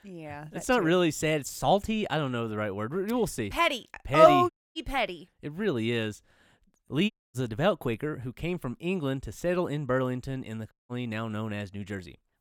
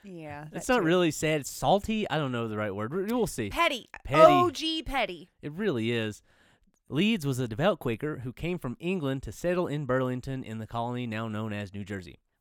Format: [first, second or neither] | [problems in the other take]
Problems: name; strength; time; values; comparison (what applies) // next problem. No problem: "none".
second | audio cutting out; at 4.5 s, at 7 s and at 11 s